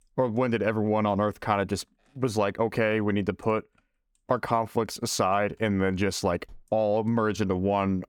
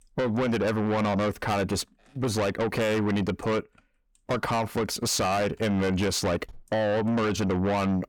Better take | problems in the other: first | distortion; heavy; 6 dB below the speech

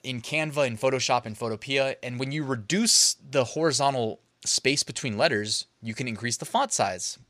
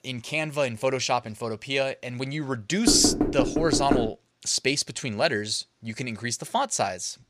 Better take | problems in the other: first | door banging; loud; from 3 to 4 s; peak 2 dB above the speech

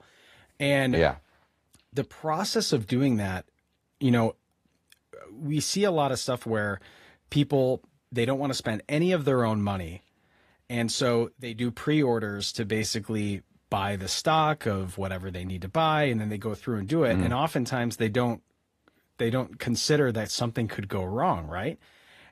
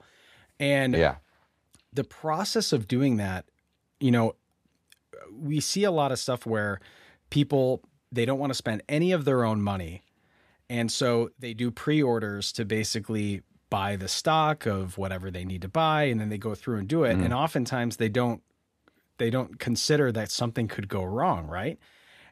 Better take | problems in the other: second | garbled, watery; slightly; nothing above 15 kHz

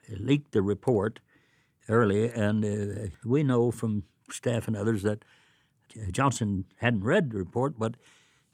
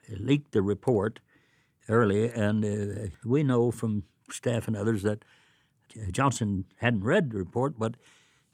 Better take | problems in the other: neither | none

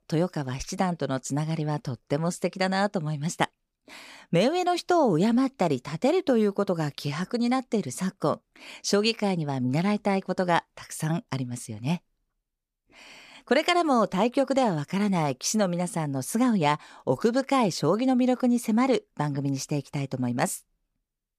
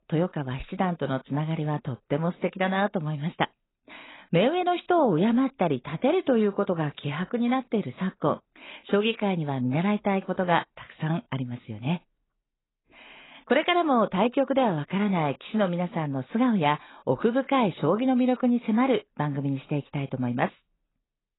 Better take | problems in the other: first | garbled, watery; badly; nothing above 4 kHz

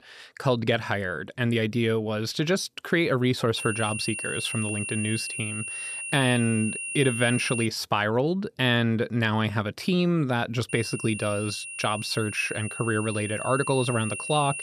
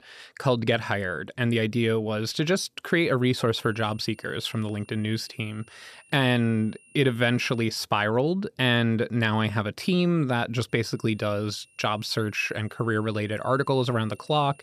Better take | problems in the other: second | high-pitched whine; loud; from 3.5 to 7.5 s and from 11 s on; 2.5 kHz, 6 dB below the speech; faint in the second

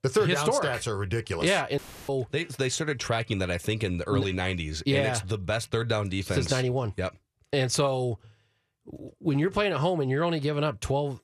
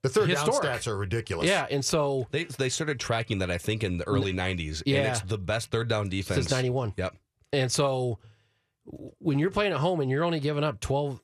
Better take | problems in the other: second | audio cutting out; filled with static; at 2 s

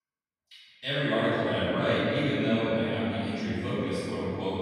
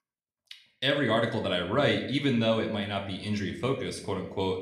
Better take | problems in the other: second | room echo; strong; dies away in 2.9 s; slight in the second // off-mic speech; far; somewhat distant in the second

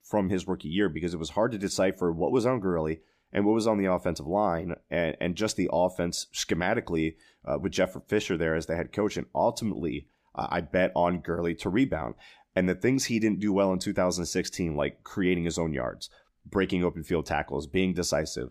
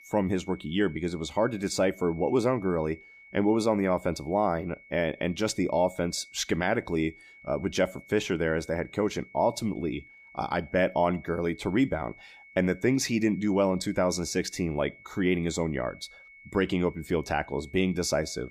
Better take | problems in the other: first | high-pitched whine; faint; throughout; 2 kHz, 20 dB below the speech

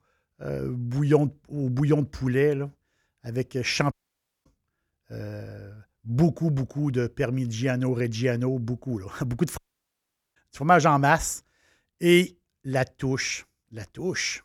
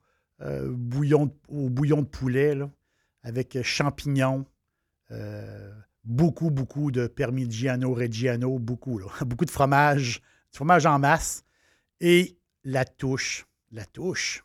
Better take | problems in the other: second | audio cutting out; at 4 s for 0.5 s and at 9.5 s for 1 s

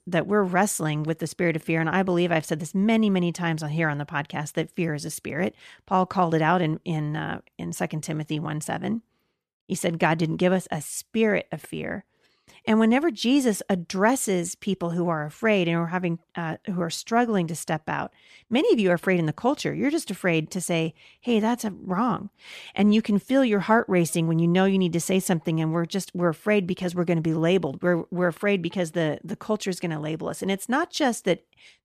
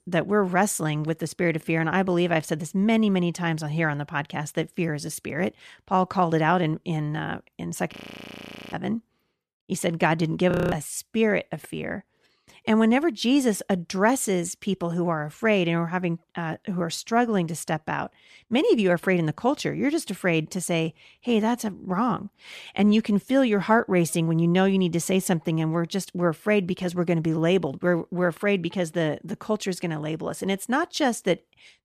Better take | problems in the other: first | audio freezing; at 8 s for 1 s and at 11 s

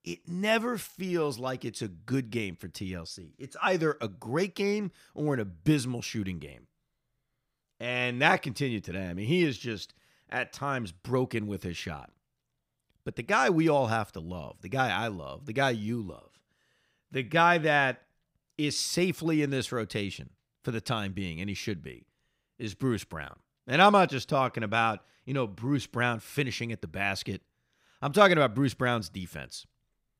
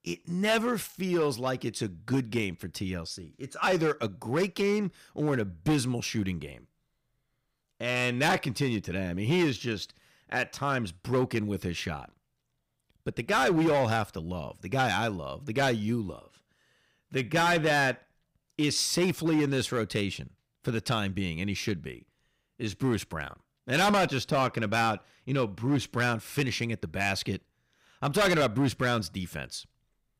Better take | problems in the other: first | distortion; heavy; 6% of the sound clipped

